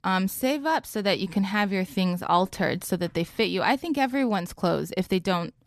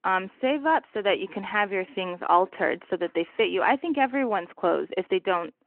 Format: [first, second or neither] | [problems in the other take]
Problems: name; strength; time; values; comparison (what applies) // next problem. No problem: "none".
first | phone-call audio